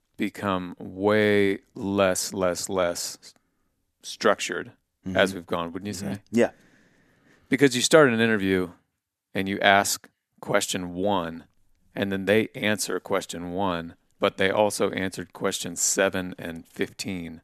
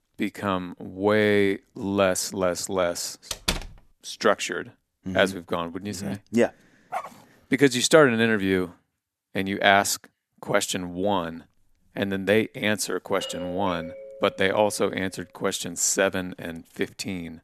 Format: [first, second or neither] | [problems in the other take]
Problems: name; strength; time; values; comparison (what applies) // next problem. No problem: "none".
first | door banging; noticeable; at 3.5 s; peak 3 dB below the speech // dog barking; faint; at 7 s; peak 10 dB below the speech // doorbell; noticeable; from 13 to 15 s; peak 10 dB below the speech